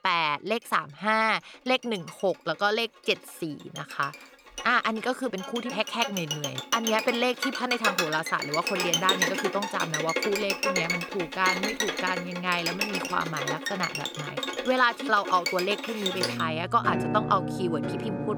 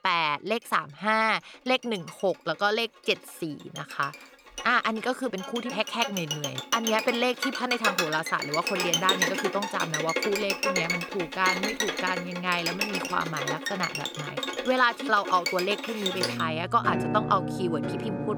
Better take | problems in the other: neither | background music; loud; throughout; 2 dB below the speech; the same in both

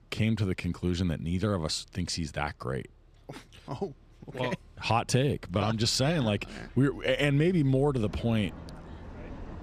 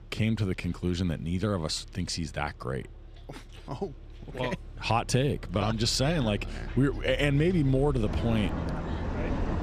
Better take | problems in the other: first | traffic noise; loud; throughout; 8 dB below the speech; faint in the first

